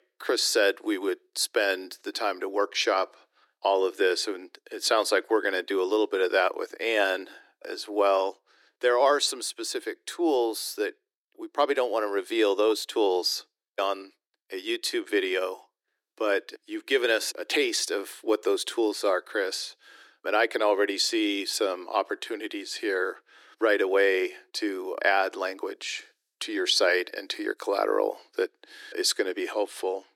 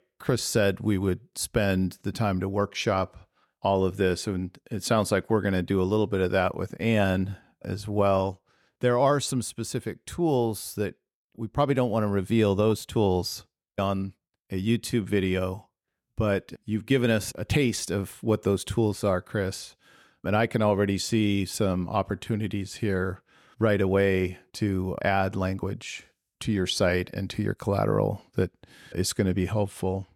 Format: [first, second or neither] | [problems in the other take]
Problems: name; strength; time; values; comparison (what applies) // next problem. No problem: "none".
second | thin; very; fading below 300 Hz